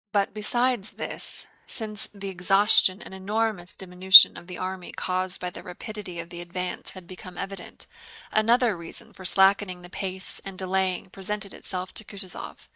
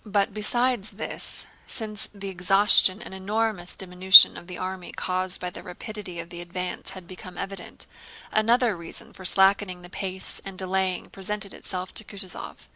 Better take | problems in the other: second | noise reduction (neural mask model DeepFilterNet 3)

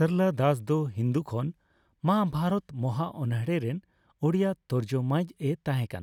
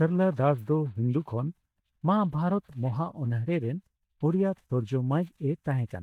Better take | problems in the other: first | noise reduction (neural mask model DeepFilterNet 3)

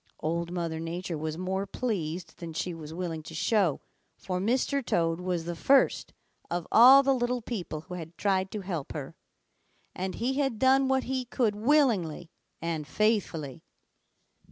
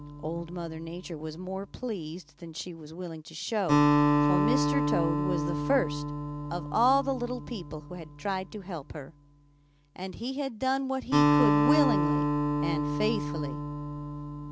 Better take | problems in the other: first | background sound (Acoustic guitar); 3 dB above the speech

